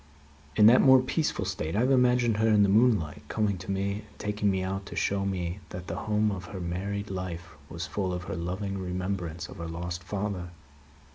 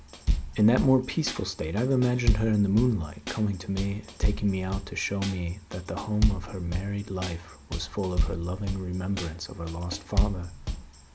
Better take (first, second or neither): first